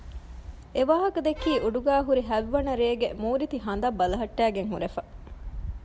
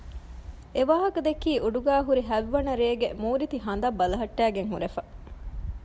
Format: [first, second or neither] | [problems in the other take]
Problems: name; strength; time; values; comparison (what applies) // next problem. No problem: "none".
second | background sound (Bowed string instrument); 12 dB below the speech